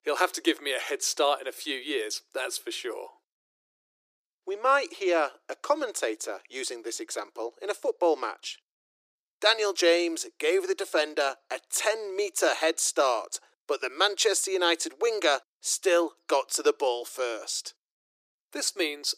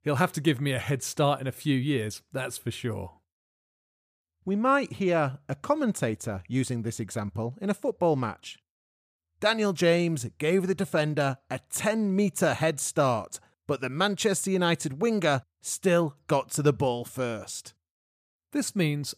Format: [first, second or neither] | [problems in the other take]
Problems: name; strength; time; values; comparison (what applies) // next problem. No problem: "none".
second | thin; very; fading below 350 Hz